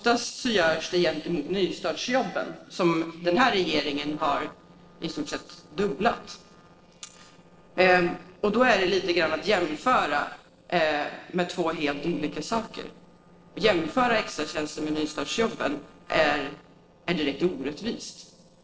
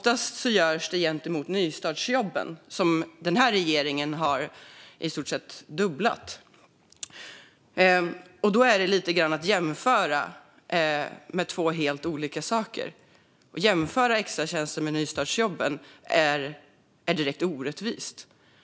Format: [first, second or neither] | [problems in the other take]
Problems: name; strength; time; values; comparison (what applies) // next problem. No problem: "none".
second | noise reduction (neural separator model SepFormer DNS4)